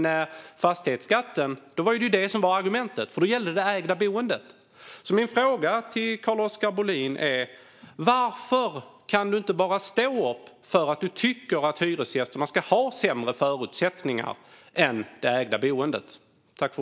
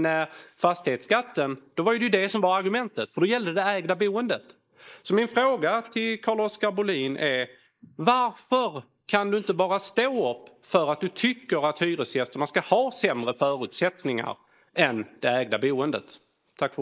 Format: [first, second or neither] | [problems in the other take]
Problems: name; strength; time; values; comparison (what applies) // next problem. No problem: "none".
first | noise reduction (neural mask model Resemble Enhance denoiser)